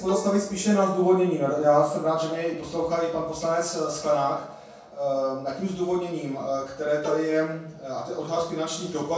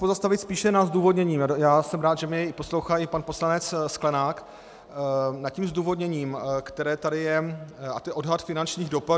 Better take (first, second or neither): second